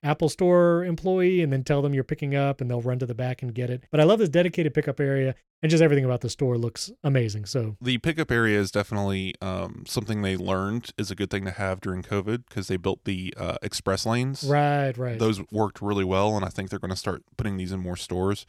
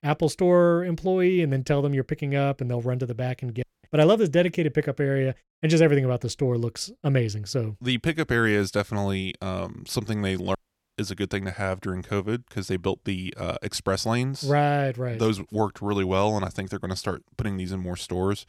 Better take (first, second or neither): first